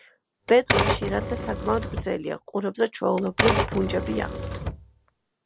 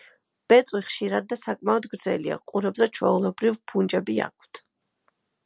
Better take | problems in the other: second | background sound (Typewriter); 1 dB below the speech

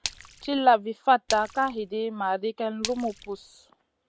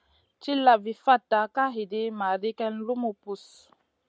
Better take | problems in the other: second | background sound (Splash, splatter); 14 dB below the speech

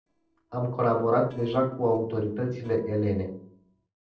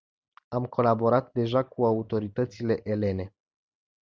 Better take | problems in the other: second | noise reduction (neural separator model SepFormer DNS4)

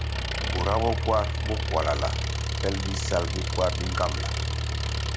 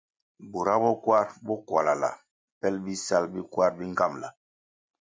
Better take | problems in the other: second | background sound (Engine); 2 dB above the speech

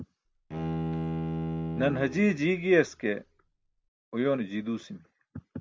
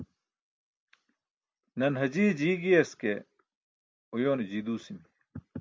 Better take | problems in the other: second | background sound (Bowed string instrument); 5 dB below the speech

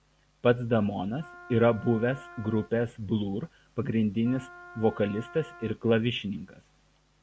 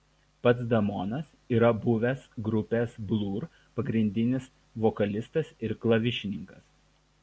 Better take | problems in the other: second | background sound (Wind instrument, woodwind instrument); 20 dB below the speech

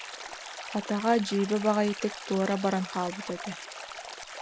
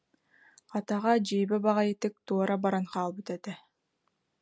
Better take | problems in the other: second | background sound (Stream); 11 dB below the speech

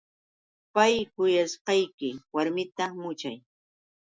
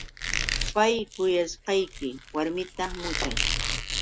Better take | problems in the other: first | background sound (Squeak); 3 dB below the speech

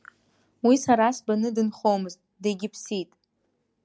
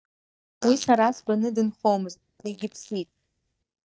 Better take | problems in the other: first | noise reduction (neural mask model DeepFilterNet 3)

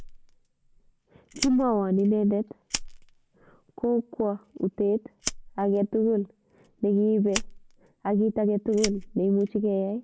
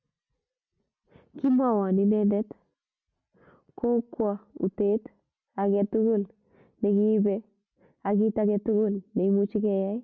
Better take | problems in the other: second | background sound (Fire); 14 dB below the speech

